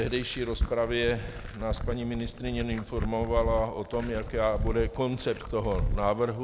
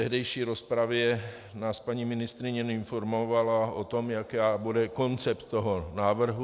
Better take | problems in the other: second | background sound (Glass); 4 dB below the speech

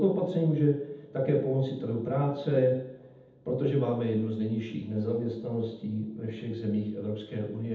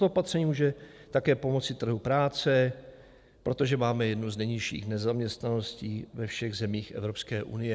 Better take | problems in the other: second | room echo; dies away in 0.8 s

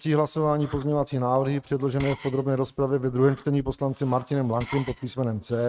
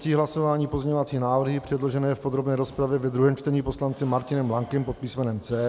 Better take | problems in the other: second | noise reduction (neural mask model RNNoise)

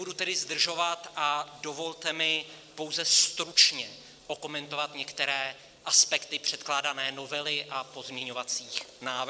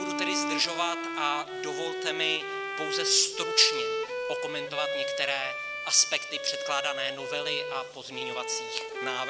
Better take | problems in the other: first | background sound (Bowed string instrument); 3 dB below the speech

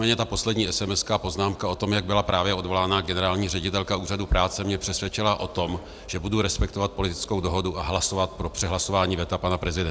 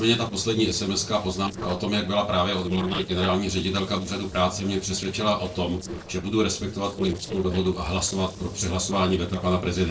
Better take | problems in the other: first | noise reduction (neural separator model SepFormer DNS4)

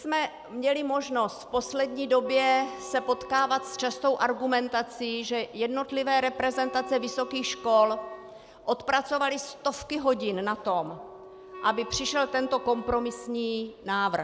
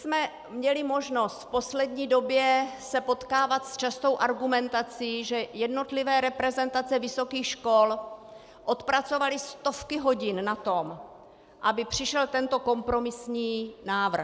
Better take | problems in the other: second | background sound (Wind instrument, woodwind instrument); 17 dB below the speech

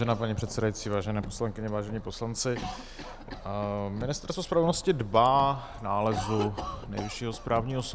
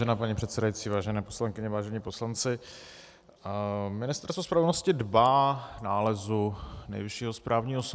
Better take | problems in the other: second | background sound (Car + Cough); 11 dB below the speech

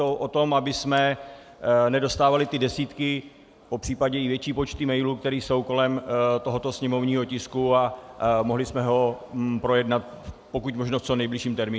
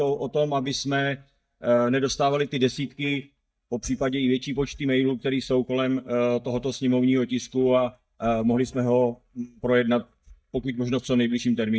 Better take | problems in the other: first | noise reduction (neural mask model DeepFilterNet 3)

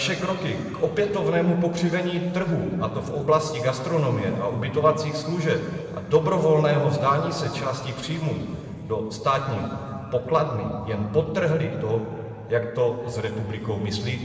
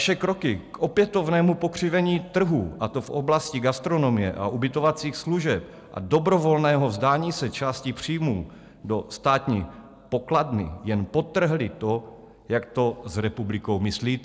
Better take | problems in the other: second | room echo; dies away in 2.4 s

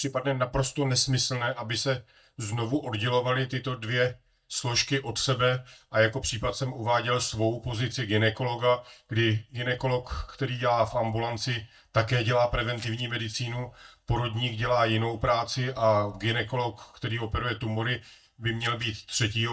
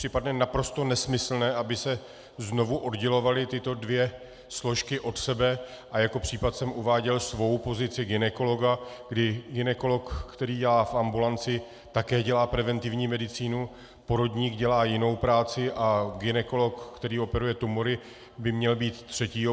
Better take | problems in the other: second | noise reduction (neural mask model DeepFilterNet 3)

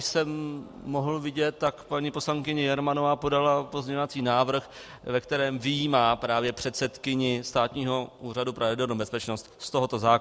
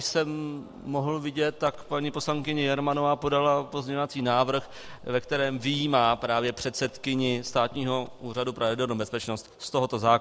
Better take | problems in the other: first | background sound (Gunshot, gunfire); 19 dB below the speech

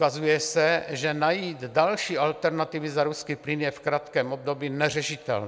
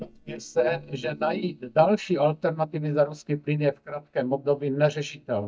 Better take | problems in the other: first | noise reduction (neural mask model DeepFilterNet 3)

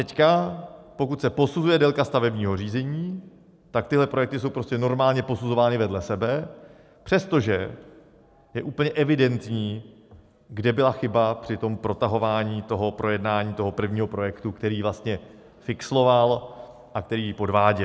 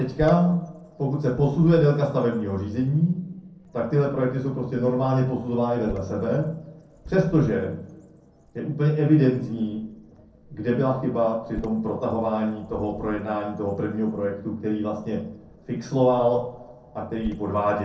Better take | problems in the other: first | noise reduction (neural separator model SepFormer DNS4)

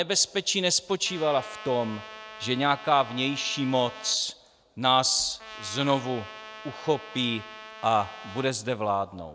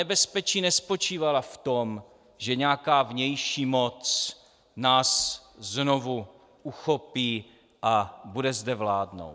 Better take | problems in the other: second | background sound (Trumpet); 16 dB below the speech

